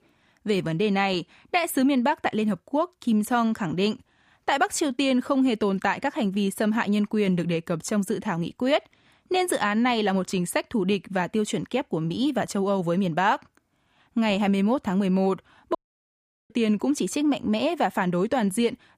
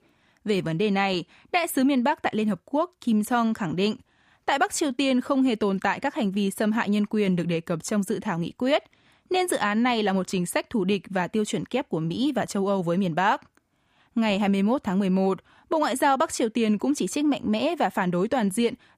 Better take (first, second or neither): second